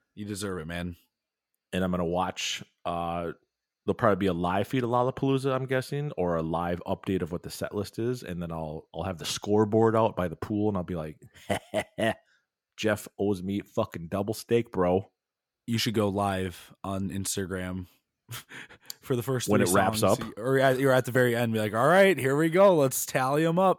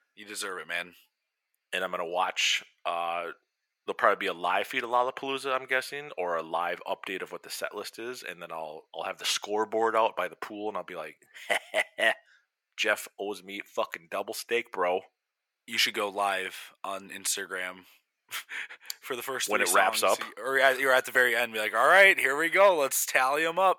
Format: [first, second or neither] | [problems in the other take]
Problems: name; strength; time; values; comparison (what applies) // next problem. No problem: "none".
first | thin; very; fading below 650 Hz